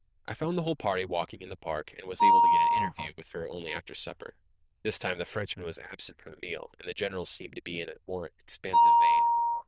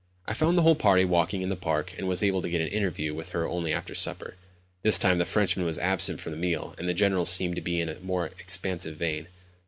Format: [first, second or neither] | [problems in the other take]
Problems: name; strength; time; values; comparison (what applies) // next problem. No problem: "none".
second | noise reduction (neural diffusion model UNIVERSE++)